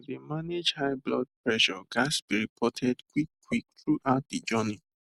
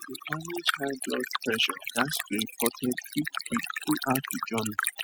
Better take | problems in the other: first | noise reduction (classical method spectral subtraction)

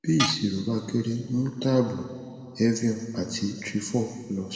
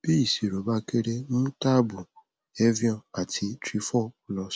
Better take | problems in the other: second | background sound (Tools); 5 dB below the speech // room echo; dies away in 1.9 s

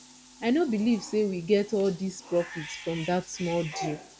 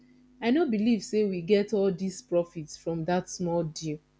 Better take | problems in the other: second | background sound (Bathtub (filling or washing) / Cat); 15 dB below the speech

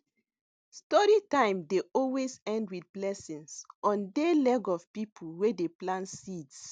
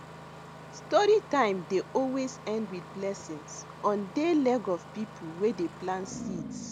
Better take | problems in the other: first | background sound (Engine starting); 14 dB below the speech

